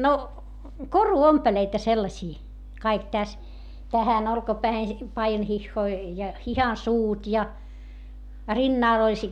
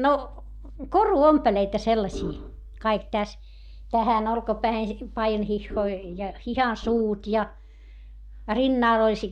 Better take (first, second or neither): first